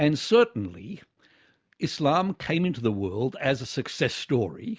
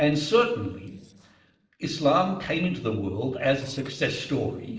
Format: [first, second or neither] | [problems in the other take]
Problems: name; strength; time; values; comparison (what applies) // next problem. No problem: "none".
first | noise reduction (neural separator model SepFormer DNS4)